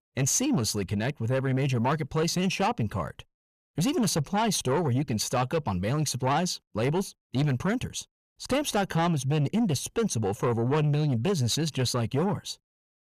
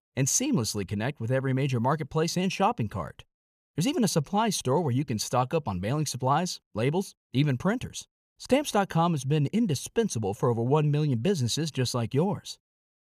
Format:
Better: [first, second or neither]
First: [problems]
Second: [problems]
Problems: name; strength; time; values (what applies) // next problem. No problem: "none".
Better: second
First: distortion; slight; 10 dB below the speech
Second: none